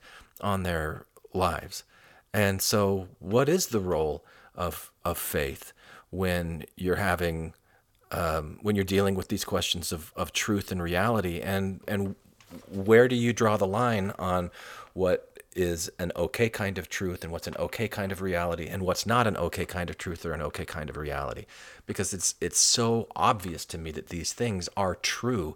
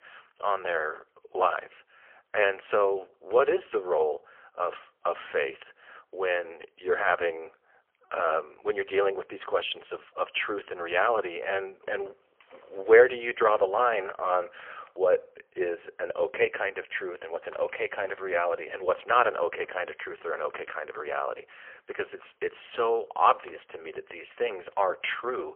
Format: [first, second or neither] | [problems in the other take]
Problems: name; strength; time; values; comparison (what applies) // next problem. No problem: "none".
first | phone-call audio; poor line; nothing above 3 kHz